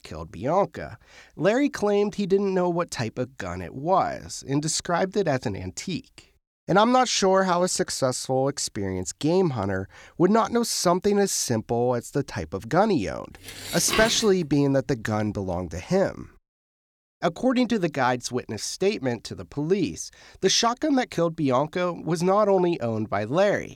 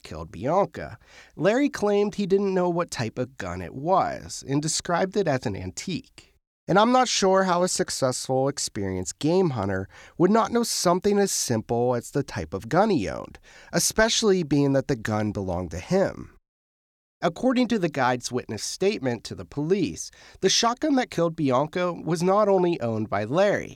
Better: second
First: clattering dishes; noticeable; at 13 s; peak 2 dB below the speech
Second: none

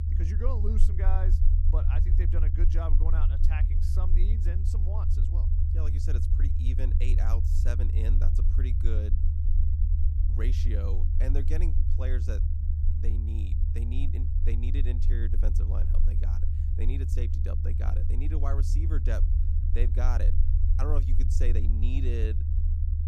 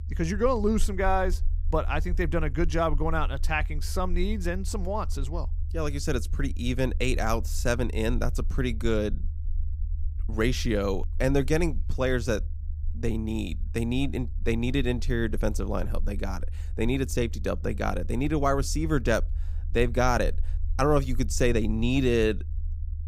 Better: second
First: low rumble; loud; throughout; 3 dB below the speech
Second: low rumble; faint; throughout; 25 dB below the speech

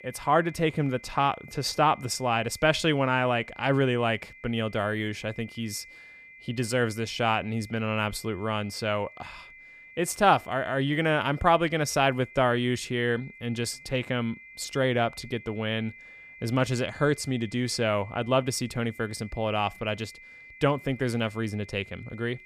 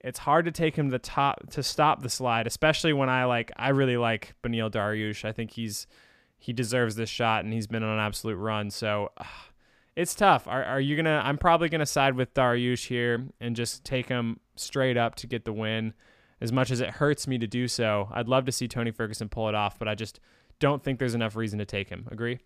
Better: second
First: high-pitched whine; noticeable; throughout; 2 kHz, 20 dB below the speech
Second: none

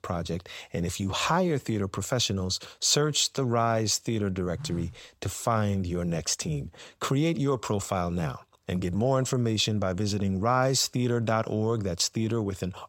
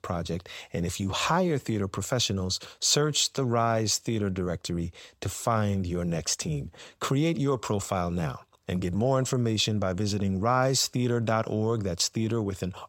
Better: second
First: phone ringing; faint; at 4.5 s; peak 10 dB below the speech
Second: none

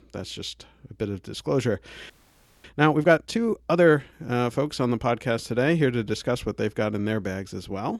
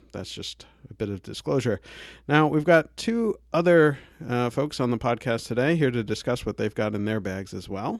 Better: second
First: audio freezing; at 2 s for 0.5 s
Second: none

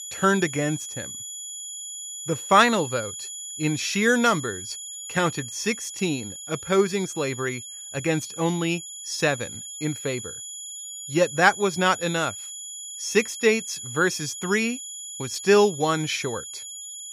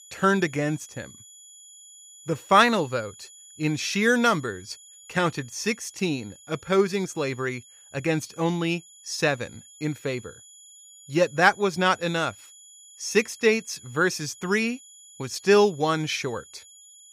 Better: second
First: high-pitched whine; loud; throughout; 7 kHz, 10 dB below the speech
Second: high-pitched whine; faint; throughout; 7 kHz, 20 dB below the speech

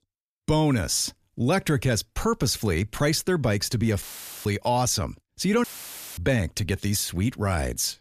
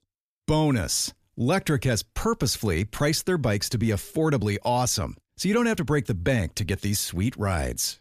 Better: second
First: audio cutting out; filled with static; at 4 s and at 5.5 s for 0.5 s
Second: none

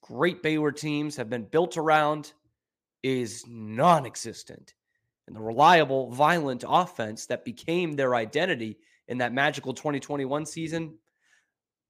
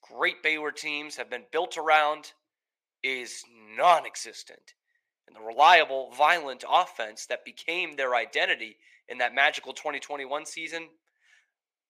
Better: first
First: none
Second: thin; very; fading below 600 Hz

